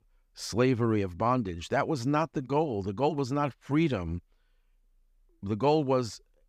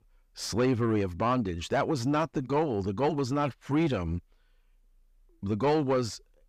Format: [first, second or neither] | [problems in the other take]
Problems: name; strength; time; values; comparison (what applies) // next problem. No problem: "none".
first | distortion; slight; 10 dB below the speech